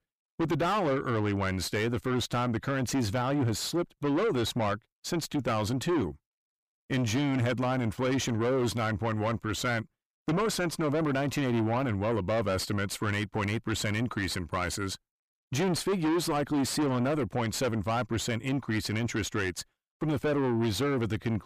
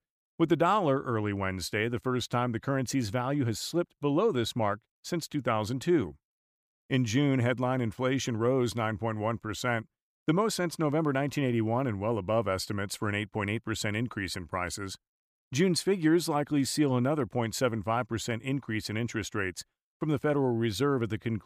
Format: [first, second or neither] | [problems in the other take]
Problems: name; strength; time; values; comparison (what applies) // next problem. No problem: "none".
second | distortion; heavy; 6 dB below the speech